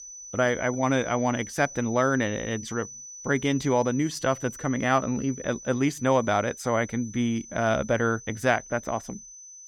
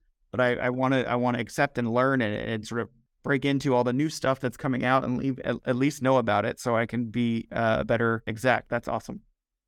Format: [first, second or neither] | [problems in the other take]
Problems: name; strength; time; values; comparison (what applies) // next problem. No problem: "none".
second | high-pitched whine; noticeable; throughout; 6 kHz, 15 dB below the speech